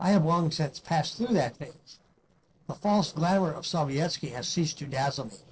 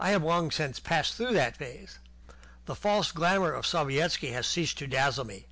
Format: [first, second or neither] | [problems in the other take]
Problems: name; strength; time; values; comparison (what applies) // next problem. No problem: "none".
second | noise reduction (neural separator model SepFormer DNS4)